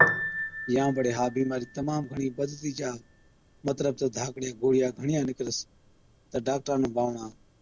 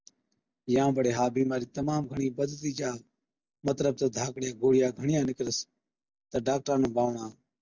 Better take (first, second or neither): second